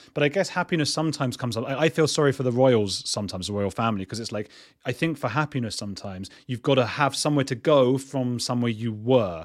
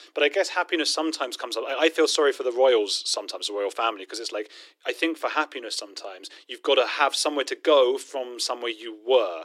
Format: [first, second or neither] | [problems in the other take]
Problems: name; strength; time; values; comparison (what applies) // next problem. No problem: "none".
first | thin; very; fading below 300 Hz